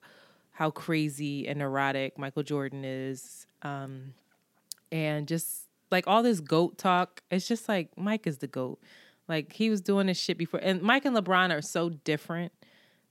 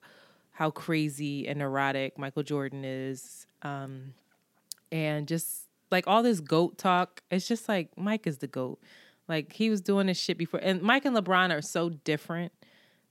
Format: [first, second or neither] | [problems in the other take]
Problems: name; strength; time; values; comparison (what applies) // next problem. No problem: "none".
neither | none